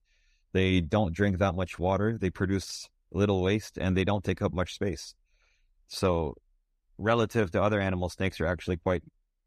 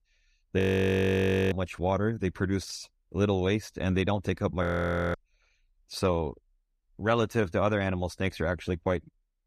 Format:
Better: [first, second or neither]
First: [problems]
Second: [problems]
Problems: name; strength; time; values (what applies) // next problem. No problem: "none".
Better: first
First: none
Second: audio freezing; at 0.5 s for 1 s and at 4.5 s for 0.5 s